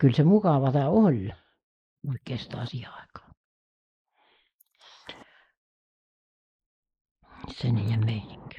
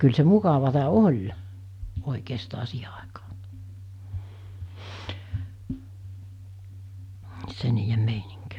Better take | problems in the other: second | noise reduction (neural mask model Resemble Enhance denoiser)

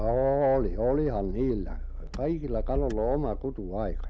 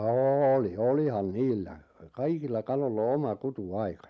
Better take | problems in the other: second | background sound (Engine / Car); 5 dB below the speech

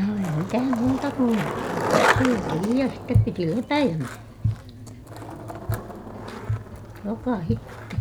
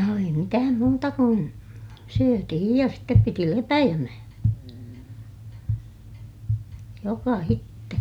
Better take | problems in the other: second | background sound (Skateboard); 4 dB below the speech

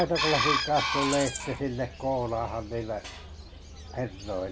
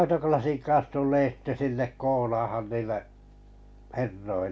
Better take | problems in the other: second | background sound (Chicken, rooster + Rattle (instrument)); 3 dB below the speech

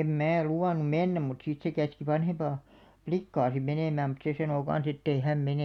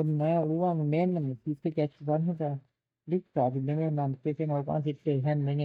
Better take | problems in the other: first | noise reduction (neural mask model DeepFilterNet 3)

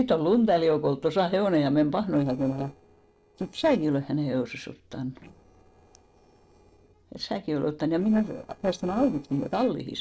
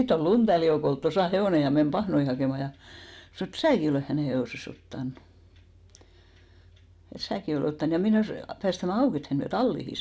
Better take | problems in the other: second | noise reduction (neural separator model SepFormer DNS4)

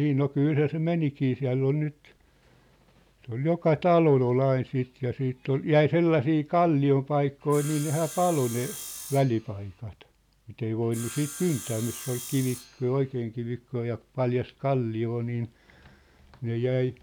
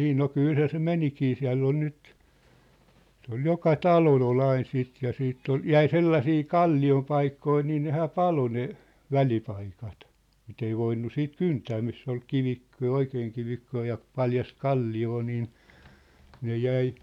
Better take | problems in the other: second | background sound (Sawing); 14 dB below the speech

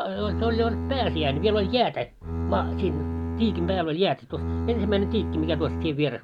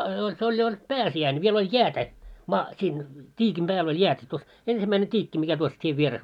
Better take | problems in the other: second | background sound (Bowed string instrument); 3 dB below the speech

